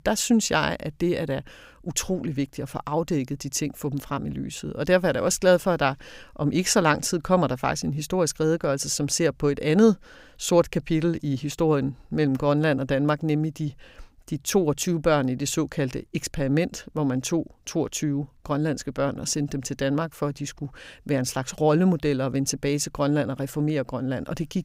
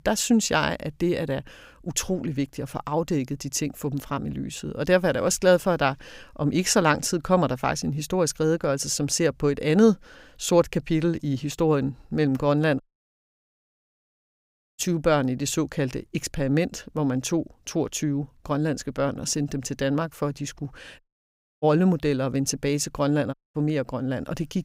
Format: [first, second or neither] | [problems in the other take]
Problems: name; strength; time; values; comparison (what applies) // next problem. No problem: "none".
first | audio cutting out; at 13 s for 2 s, at 21 s for 0.5 s and at 23 s